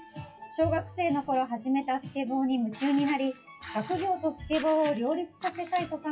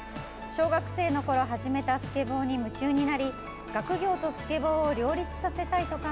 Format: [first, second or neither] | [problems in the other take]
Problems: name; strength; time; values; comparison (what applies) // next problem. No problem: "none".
second | noise reduction (classical method WPE with log-MMSE)